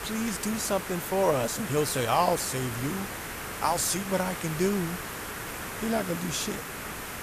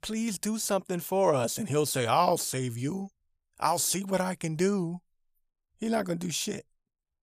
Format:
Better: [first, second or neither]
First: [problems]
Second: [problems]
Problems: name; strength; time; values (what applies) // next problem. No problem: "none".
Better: second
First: hiss; loud; throughout; 7 dB below the speech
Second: none